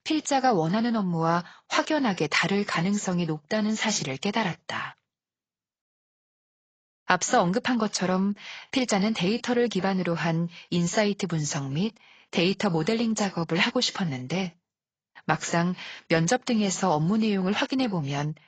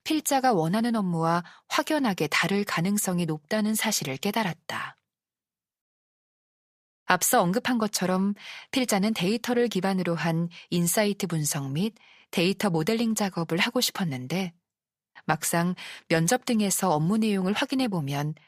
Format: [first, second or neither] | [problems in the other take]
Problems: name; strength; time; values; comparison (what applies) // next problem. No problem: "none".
second | garbled, watery; badly; nothing above 7.5 kHz